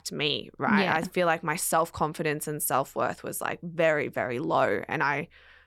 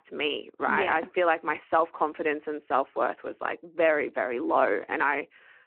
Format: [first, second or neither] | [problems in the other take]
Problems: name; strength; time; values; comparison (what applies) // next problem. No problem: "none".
first | phone-call audio